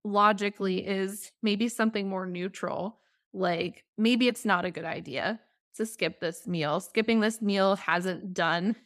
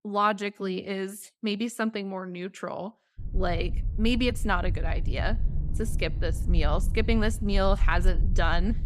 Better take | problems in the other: first | low rumble; noticeable; from 3 s on; 20 dB below the speech

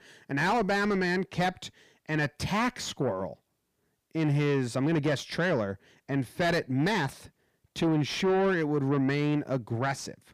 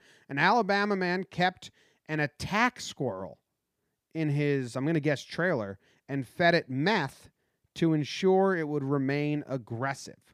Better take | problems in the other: second | distortion; heavy; 7 dB below the speech

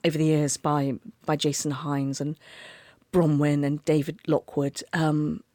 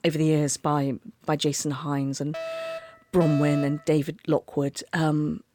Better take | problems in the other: first | alarm; noticeable; from 2.5 to 4 s; peak 7 dB below the speech

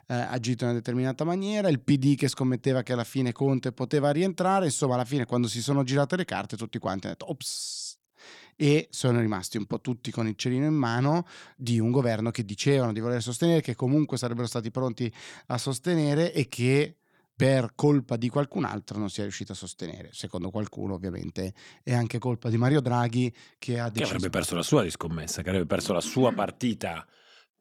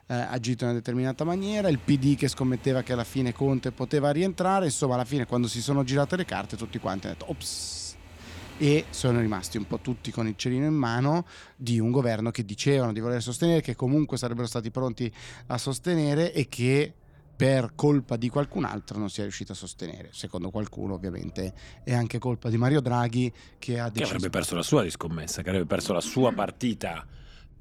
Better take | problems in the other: first | traffic noise; faint; throughout; 25 dB below the speech

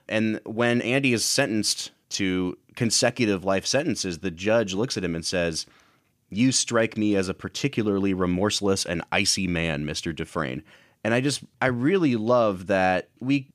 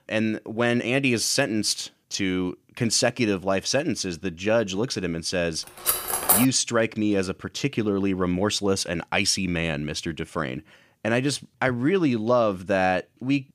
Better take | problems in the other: first | clattering dishes; loud; at 6 s; peak 5 dB above the speech

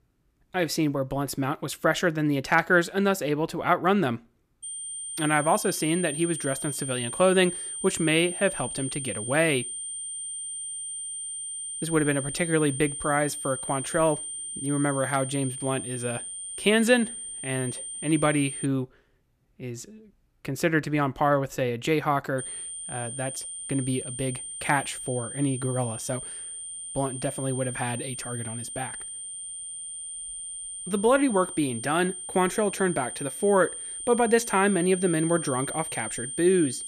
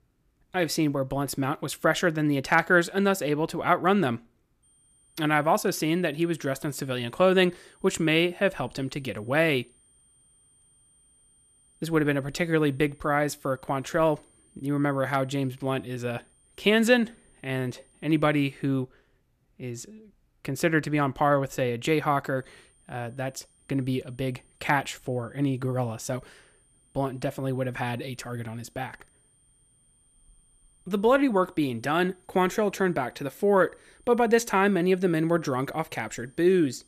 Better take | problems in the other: second | high-pitched whine; loud; from 4.5 to 19 s and from 22 s on; 9 kHz, 7 dB below the speech; faint in the second

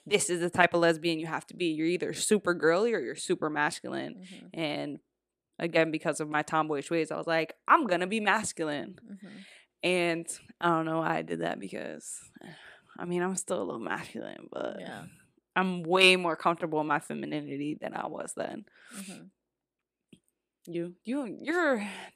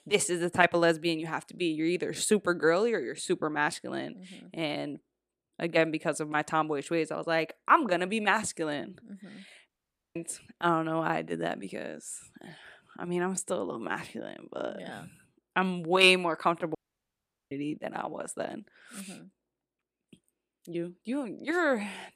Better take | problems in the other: first | audio cutting out; at 9.5 s and at 17 s for 1 s

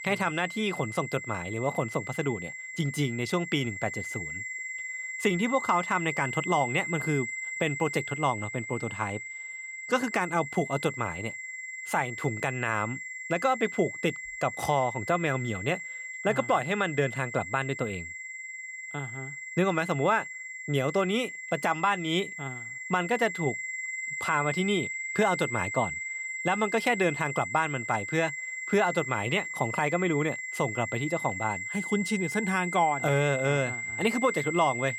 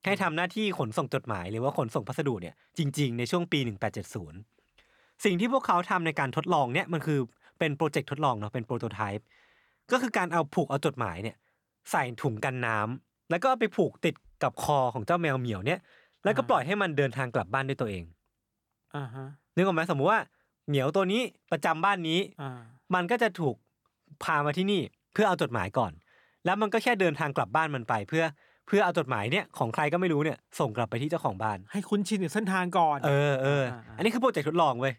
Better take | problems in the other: second | high-pitched whine; loud; throughout; 2 kHz, 6 dB below the speech

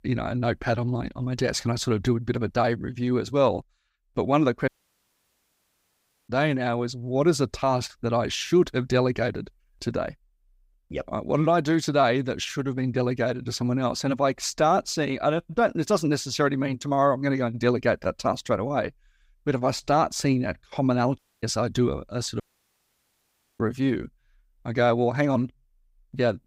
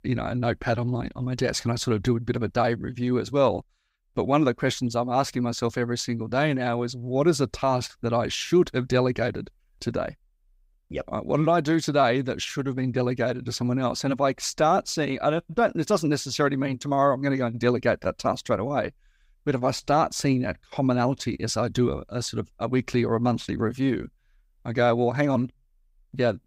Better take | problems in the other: second | audio cutting out; at 4.5 s for 1.5 s, at 21 s and at 22 s for 1 s

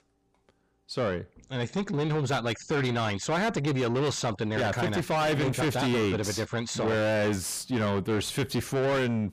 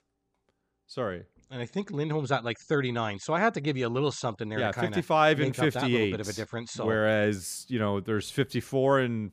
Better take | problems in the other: second | distortion; heavy; 5 dB below the speech

